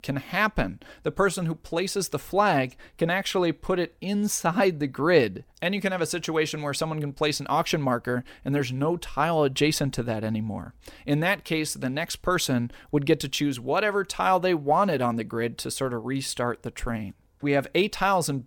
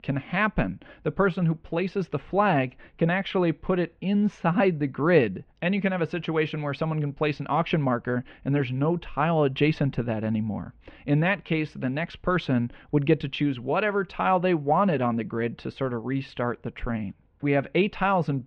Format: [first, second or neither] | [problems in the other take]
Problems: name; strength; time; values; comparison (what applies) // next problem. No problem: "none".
first | muffled; very; fading above 3 kHz